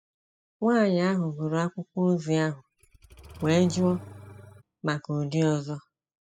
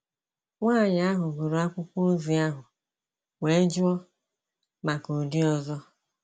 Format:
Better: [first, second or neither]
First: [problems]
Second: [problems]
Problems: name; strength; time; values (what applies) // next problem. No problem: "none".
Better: second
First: noise reduction (classical method spectral subtraction)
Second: none